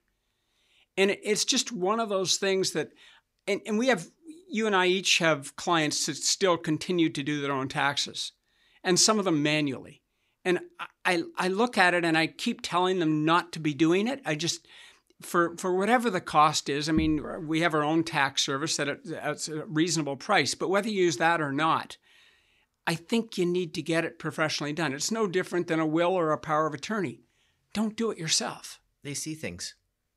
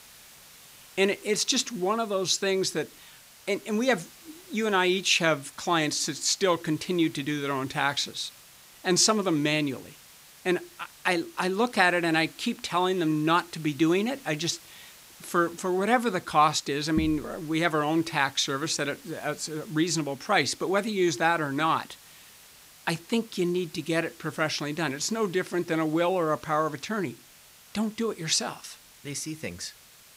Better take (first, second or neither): first